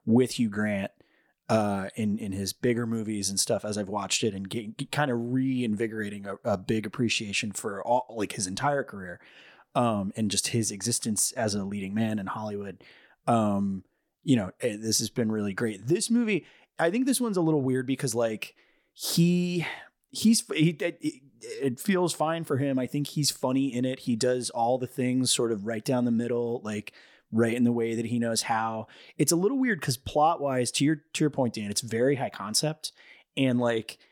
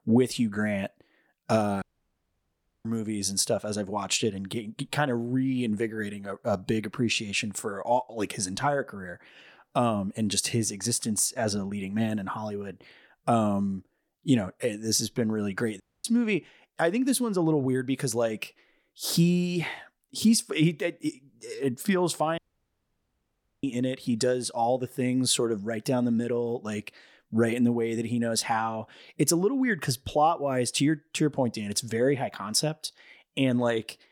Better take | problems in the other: first | audio cutting out; at 2 s for 1 s, at 16 s and at 22 s for 1.5 s

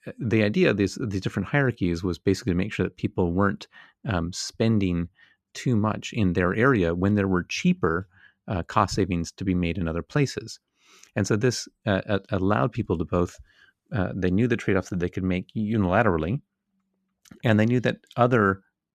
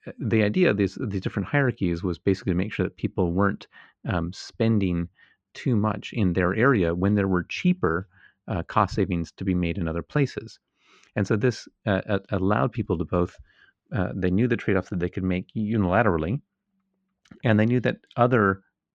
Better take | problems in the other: first | muffled; very slightly; fading above 3.5 kHz

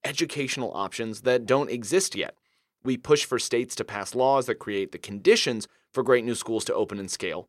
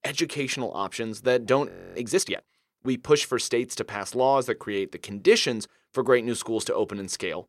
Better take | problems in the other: first | audio freezing; at 1.5 s

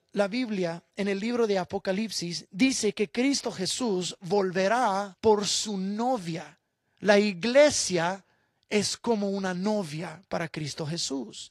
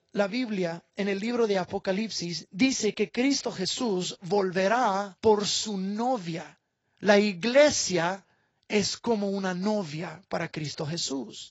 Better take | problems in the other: first | garbled, watery; badly; nothing above 7.5 kHz; slightly in the first

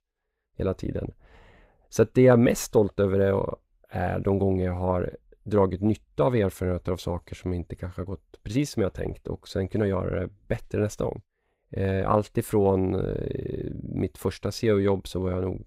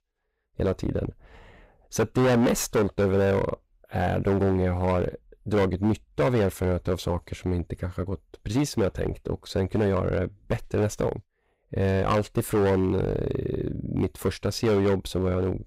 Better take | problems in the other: first | distortion; heavy; 9% of the sound clipped

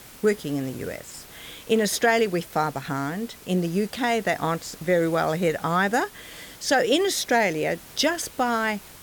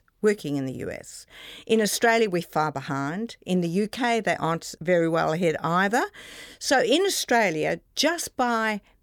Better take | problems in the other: second | hiss; noticeable; throughout; 20 dB below the speech

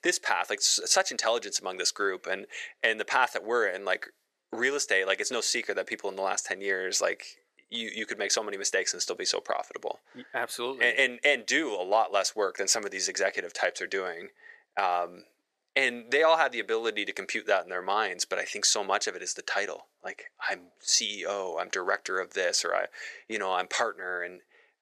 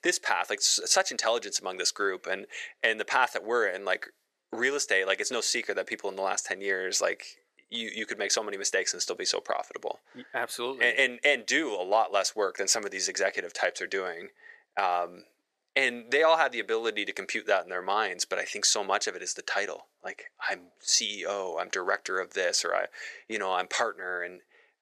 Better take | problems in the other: neither | thin; very; fading below 500 Hz; the same in both

